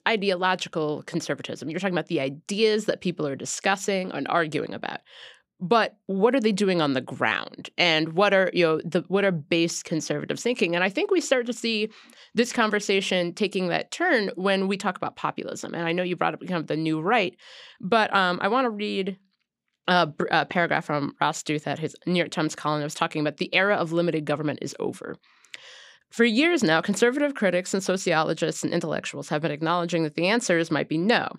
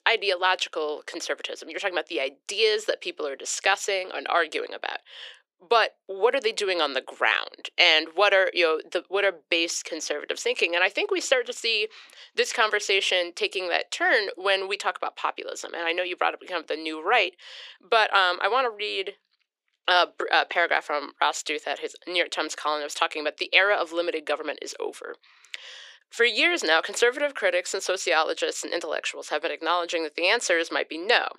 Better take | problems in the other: first | thin; very; fading below 400 Hz

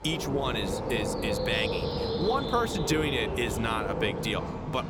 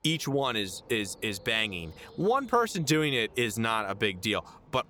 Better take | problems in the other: second | animal sounds; loud; throughout; 2 dB below the speech; faint in the second

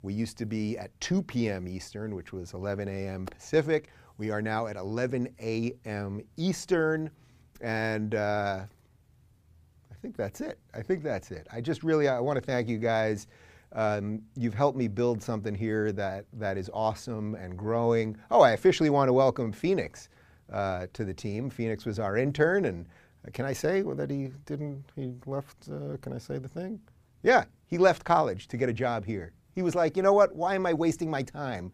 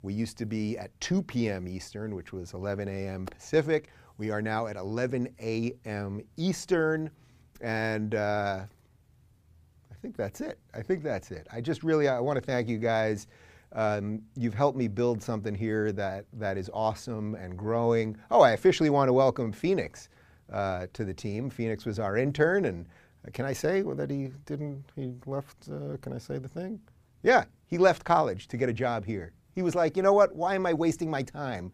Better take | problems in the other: neither | none

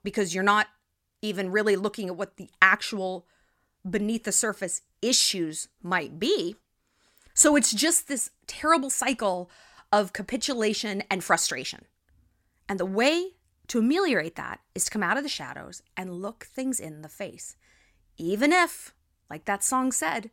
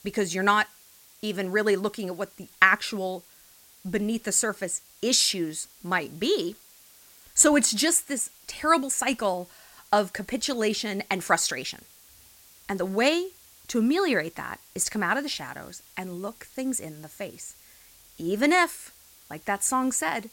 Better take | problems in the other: first | hiss; faint; throughout; 25 dB below the speech

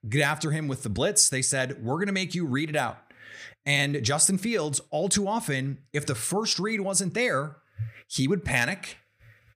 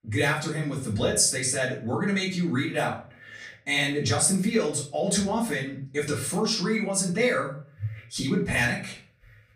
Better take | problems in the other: first | off-mic speech; far // room echo; slight; dies away in 0.3 s

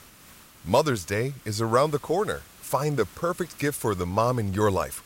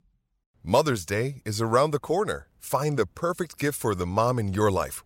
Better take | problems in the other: second | hiss; faint; throughout; 20 dB below the speech

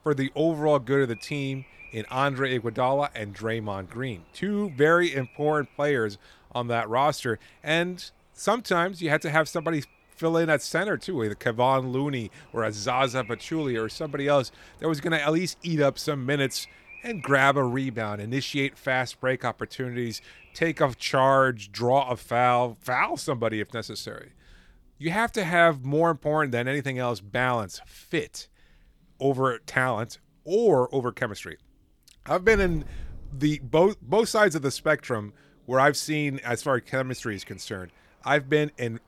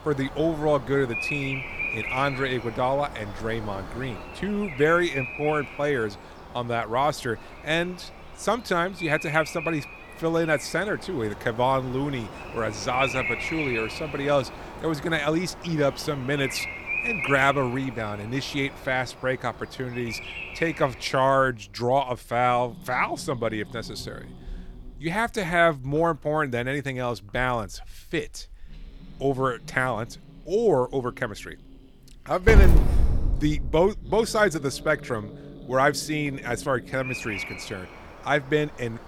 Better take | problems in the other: first | animal sounds; loud; throughout; 6 dB below the speech; faint in the first

